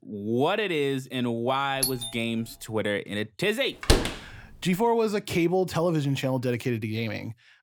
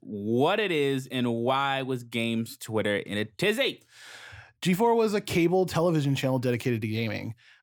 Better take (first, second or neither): second